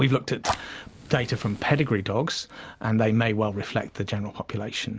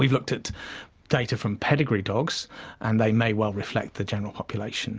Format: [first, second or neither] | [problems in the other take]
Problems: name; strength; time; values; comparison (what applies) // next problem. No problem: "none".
second | background sound (Fire); 14 dB below the speech